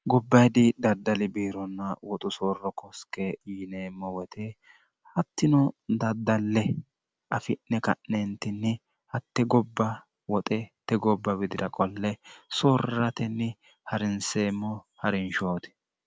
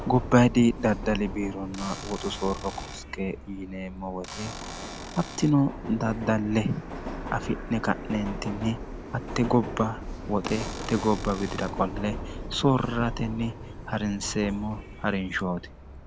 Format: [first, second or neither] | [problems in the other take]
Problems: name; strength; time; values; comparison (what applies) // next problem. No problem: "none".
first | background sound (Subway, metro, underground + Cupboard open or close / Door); 9 dB below the speech